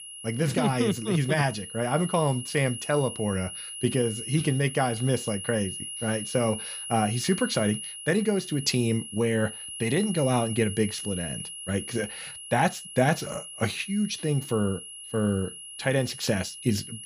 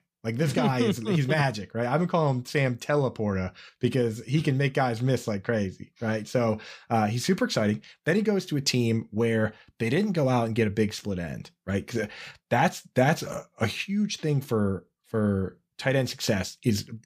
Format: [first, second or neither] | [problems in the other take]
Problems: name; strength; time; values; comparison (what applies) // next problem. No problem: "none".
second | high-pitched whine; loud; throughout; 3 kHz, 9 dB below the speech